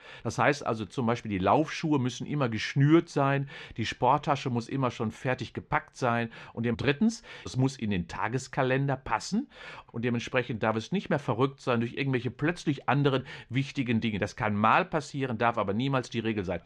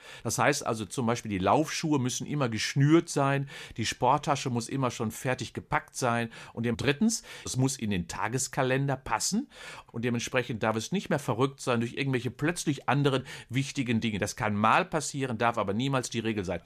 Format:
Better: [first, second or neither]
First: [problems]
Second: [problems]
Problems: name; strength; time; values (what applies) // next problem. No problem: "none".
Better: second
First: muffled; slightly; fading above 3.5 kHz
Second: none